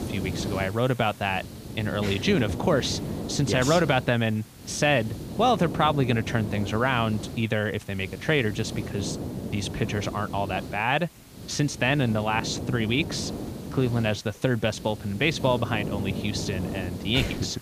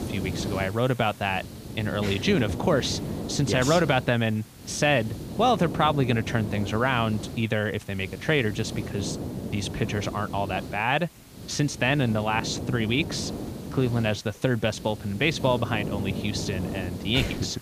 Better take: neither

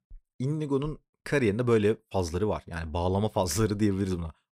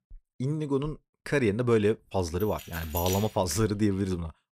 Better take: first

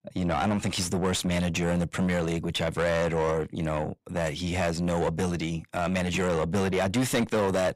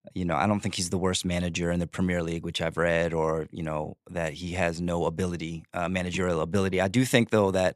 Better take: second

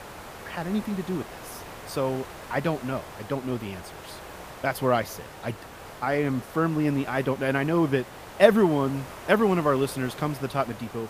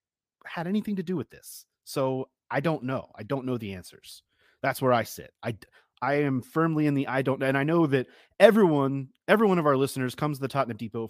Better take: second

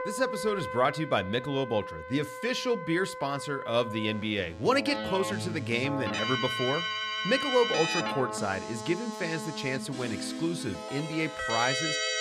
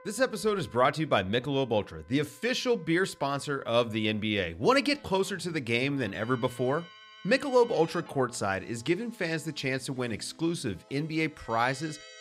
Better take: second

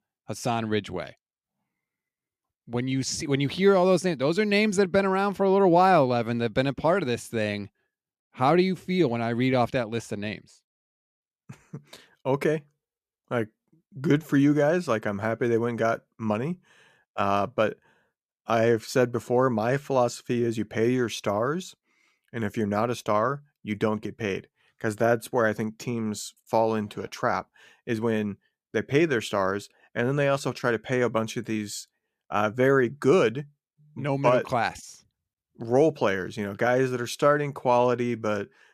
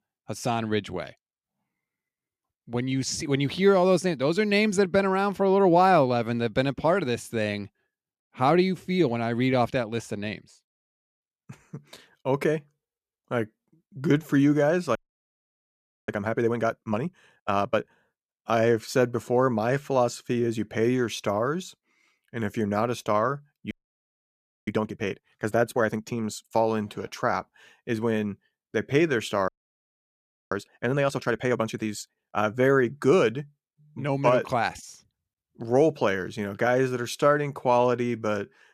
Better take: first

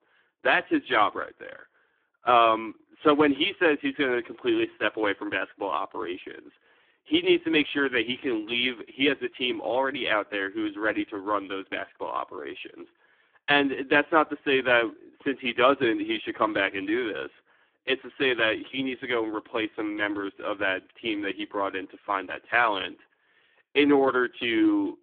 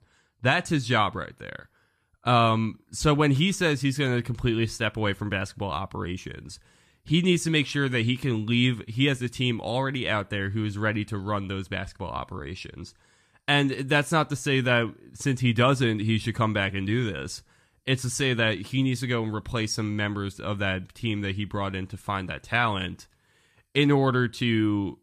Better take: second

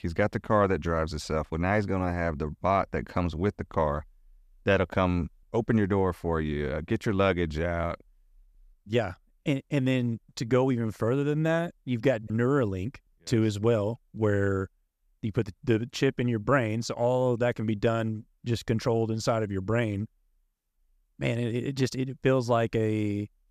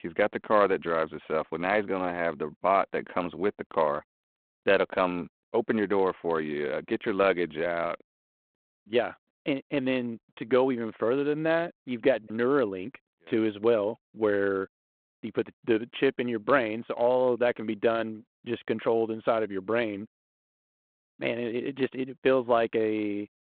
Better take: first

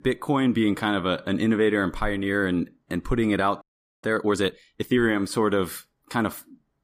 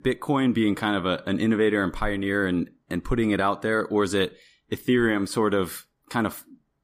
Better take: second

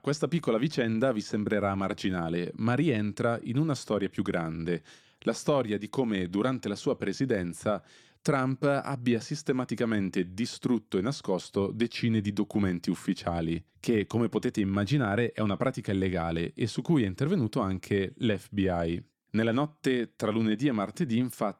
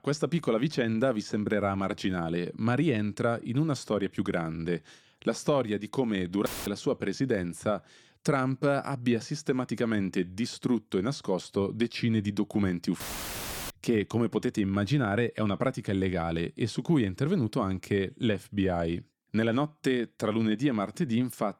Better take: first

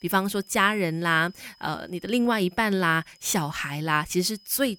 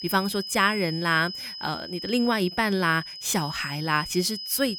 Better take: first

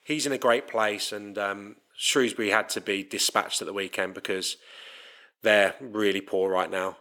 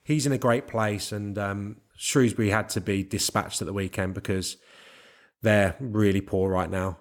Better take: second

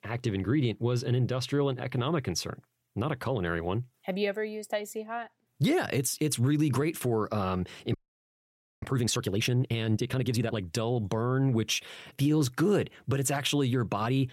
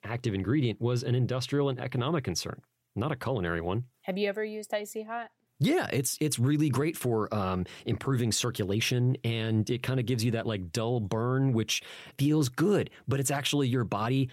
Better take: second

